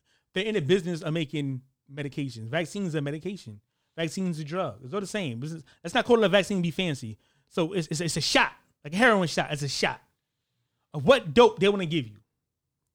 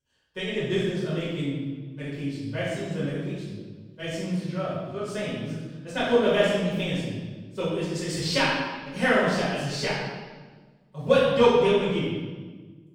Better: first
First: none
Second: off-mic speech; far // room echo; strong; dies away in 1.2 s

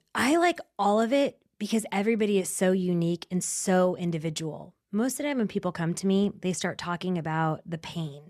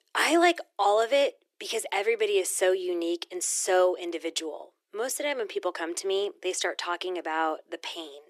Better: first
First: none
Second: thin; very; fading below 350 Hz

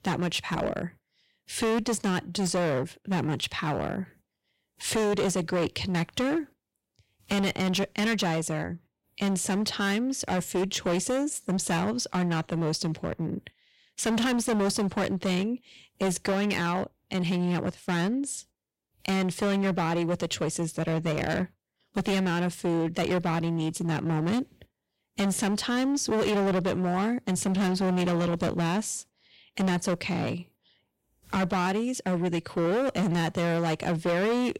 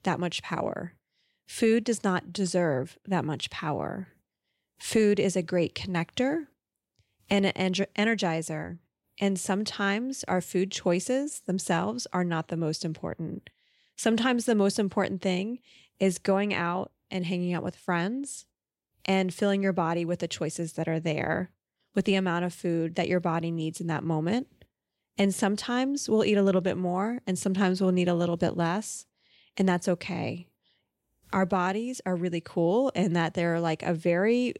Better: second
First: distortion; heavy; 18% of the sound clipped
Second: none

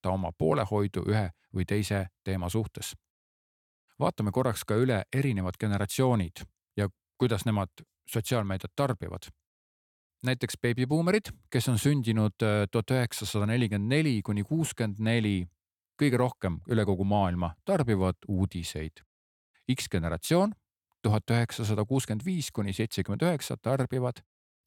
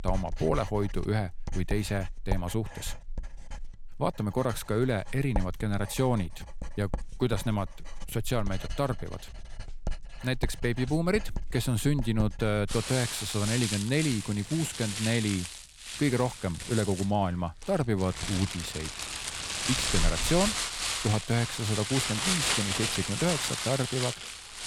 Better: first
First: none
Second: household noises; loud; throughout; 3 dB below the speech

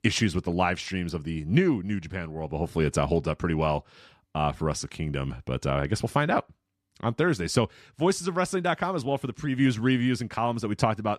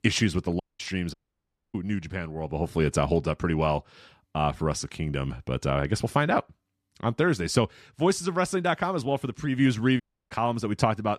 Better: first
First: none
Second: audio cutting out; at 0.5 s, at 1 s for 0.5 s and at 10 s

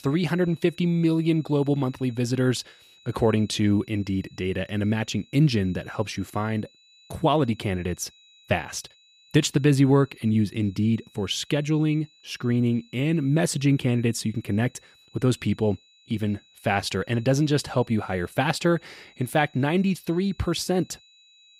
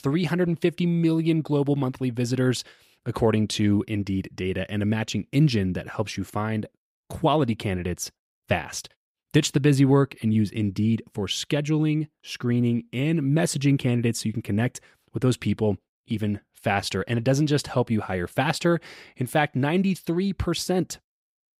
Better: second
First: high-pitched whine; faint; throughout; 4 kHz, 30 dB below the speech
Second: none

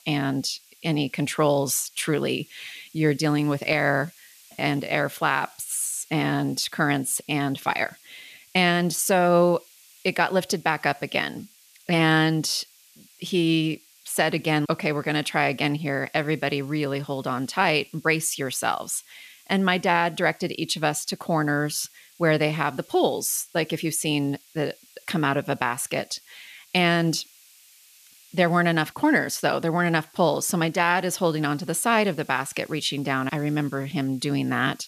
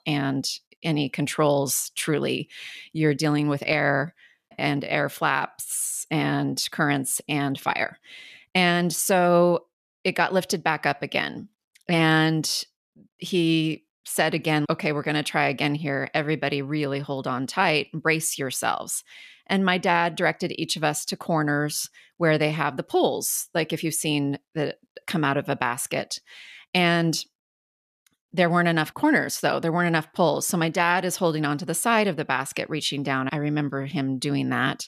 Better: second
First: hiss; faint; throughout; 25 dB below the speech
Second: none

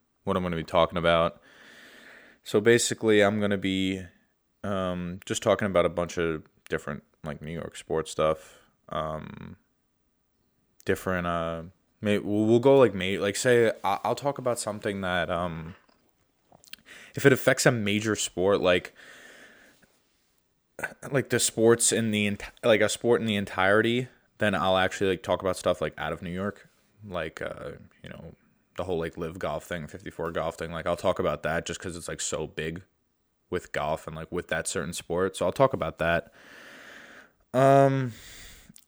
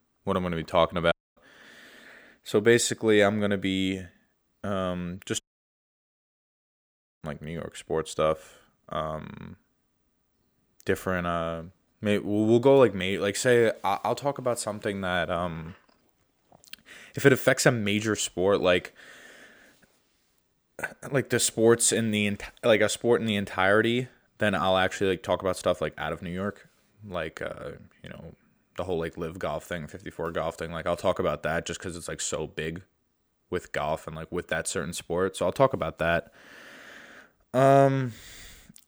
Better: first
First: none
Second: audio cutting out; at 1 s and at 5.5 s for 2 s

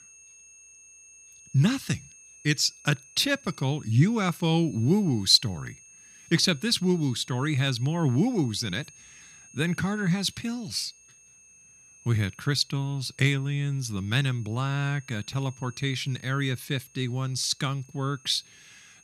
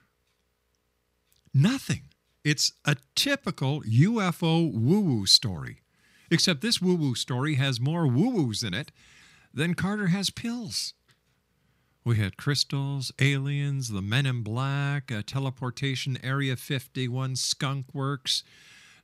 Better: second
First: high-pitched whine; faint; throughout; 6.5 kHz, 25 dB below the speech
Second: none

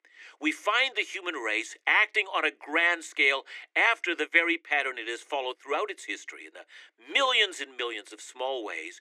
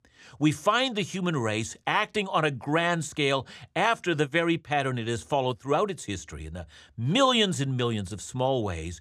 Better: second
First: thin; very; fading below 300 Hz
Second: none

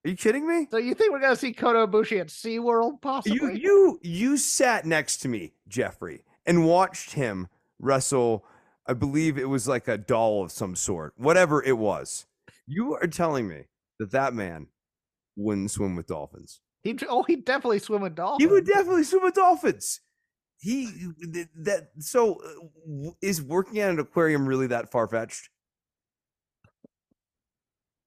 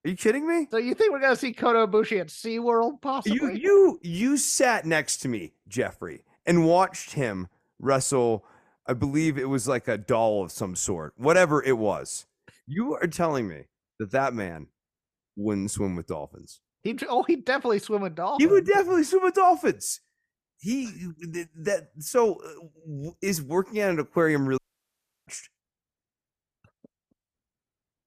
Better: first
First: none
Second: audio cutting out; at 25 s for 0.5 s

